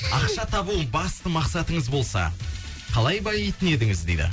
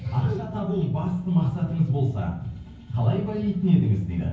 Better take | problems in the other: first | room echo; dies away in 0.9 s

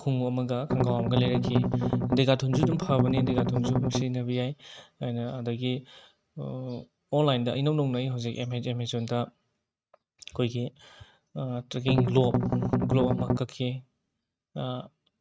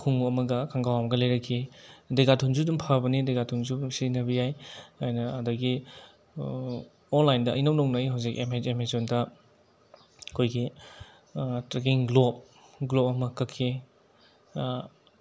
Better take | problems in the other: second | noise reduction (neural mask model RNNoise)

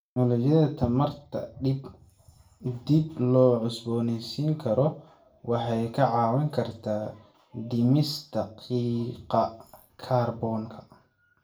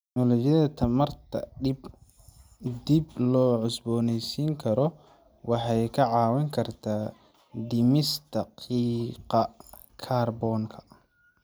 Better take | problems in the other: second | room echo; dies away in 0.3 s

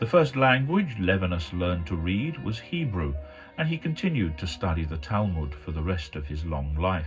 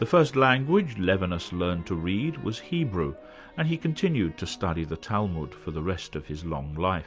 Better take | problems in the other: second | room echo; dies away in 0.4 s

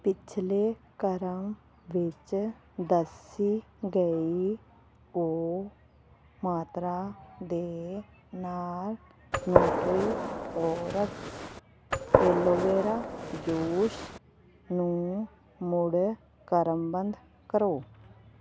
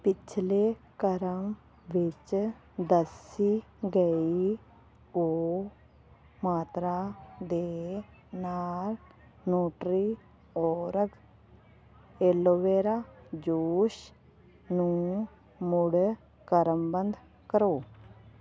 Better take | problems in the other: second | background sound (Gunshot, gunfire); 1 dB above the speech

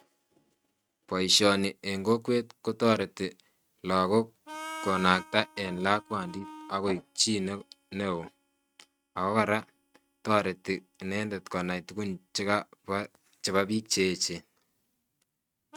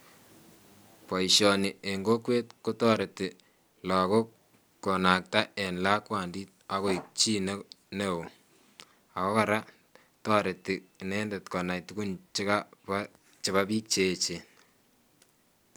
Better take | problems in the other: second | noise reduction (neural mask model RNNoise)

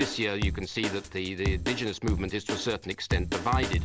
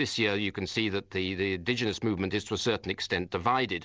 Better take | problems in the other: second | background sound (Drum kit); 1 dB below the speech

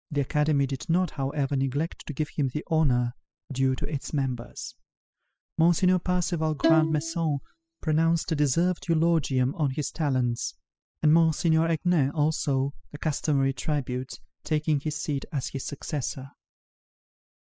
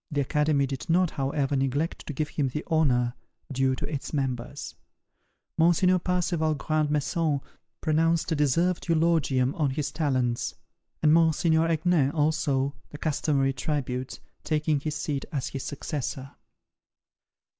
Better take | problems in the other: second | noise reduction (classical method spectral subtraction)

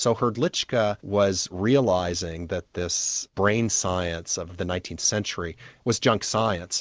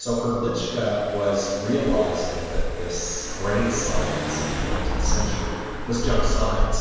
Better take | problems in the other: first | background sound (Engine / Car); as loud as the speech // room echo; dies away in 1.9 s

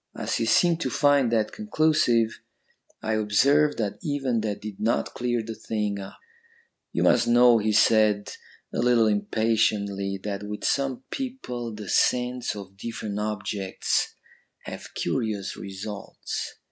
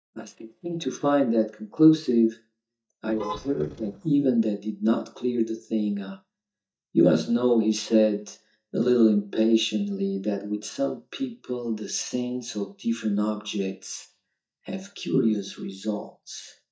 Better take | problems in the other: first | noise reduction (neural mask model DeepFilterNet 3)

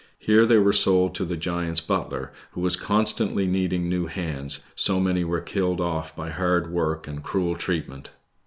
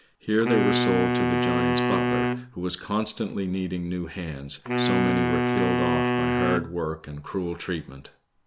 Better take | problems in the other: first | background sound (Wind instrument, woodwind instrument); 3 dB above the speech

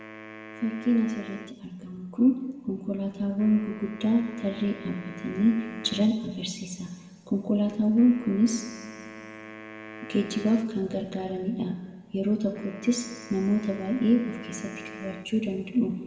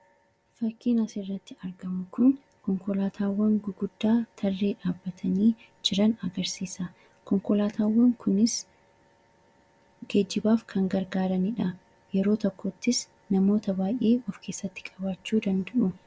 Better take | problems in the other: second | background sound (Wind instrument, woodwind instrument); 17 dB below the speech // room echo; dies away in 1.6 s

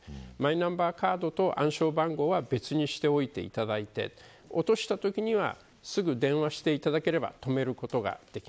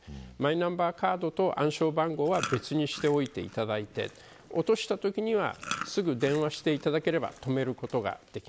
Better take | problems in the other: first | background sound (Chewing, mastication); 14 dB below the speech

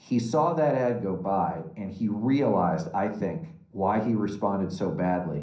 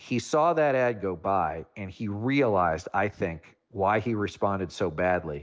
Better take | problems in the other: second | room echo; dies away in 0.6 s

